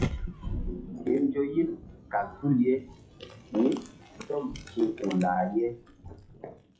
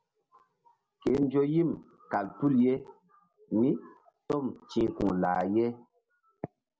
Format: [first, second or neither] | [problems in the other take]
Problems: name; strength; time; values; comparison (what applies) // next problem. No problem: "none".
second | noise reduction (classical method WPE with log-MMSE)